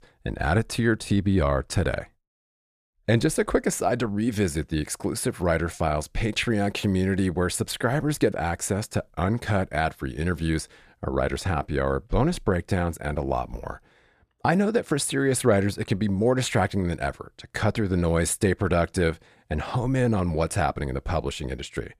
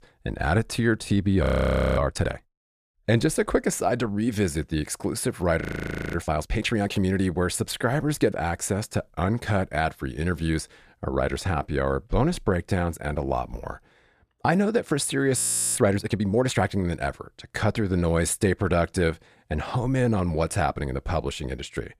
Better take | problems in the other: first | audio freezing; at 1.5 s for 0.5 s, at 5.5 s for 0.5 s and at 15 s

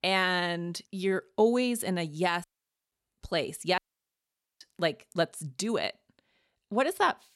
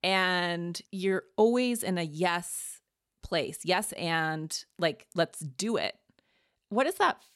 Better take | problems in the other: second | audio cutting out; at 2.5 s and at 4 s for 1 s

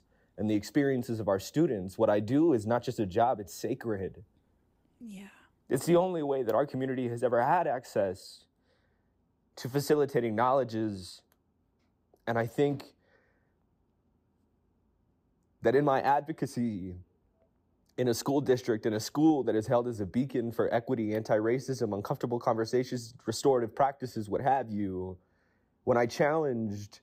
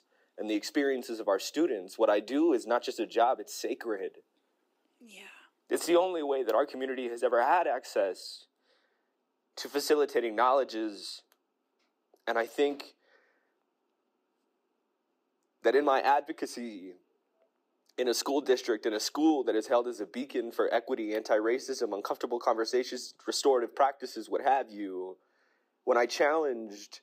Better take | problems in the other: first | thin; somewhat; fading below 300 Hz

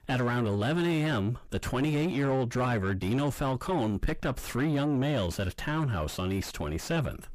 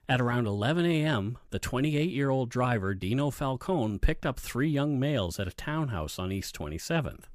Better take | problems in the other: second | distortion; heavy; 6 dB below the speech

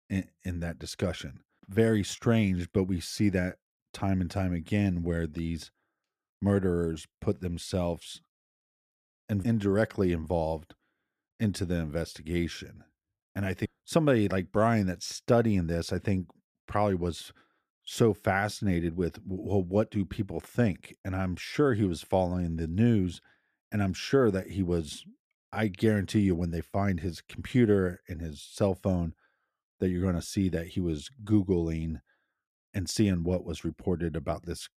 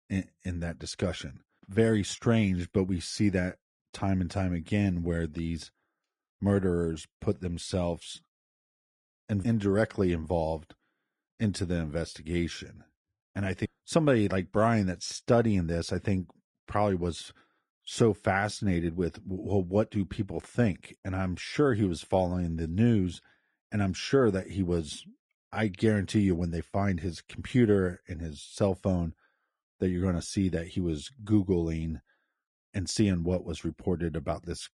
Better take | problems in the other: first | garbled, watery; slightly; nothing above 10 kHz

